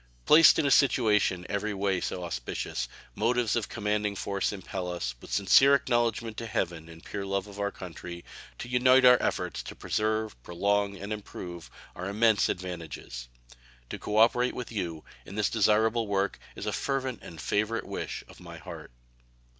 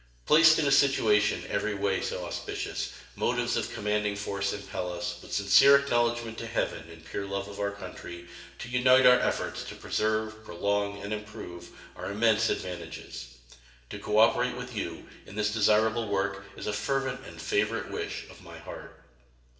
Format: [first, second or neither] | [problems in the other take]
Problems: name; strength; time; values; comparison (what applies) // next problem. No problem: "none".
first | room echo; dies away in 1 s